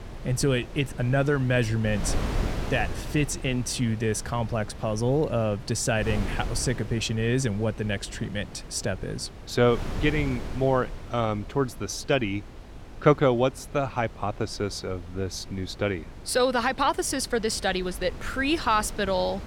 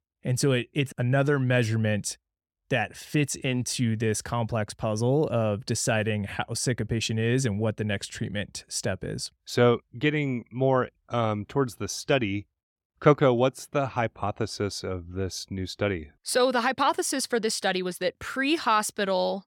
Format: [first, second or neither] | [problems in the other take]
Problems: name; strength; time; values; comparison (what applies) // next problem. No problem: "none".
second | wind noise on the microphone; occasional gusts; 15 dB below the speech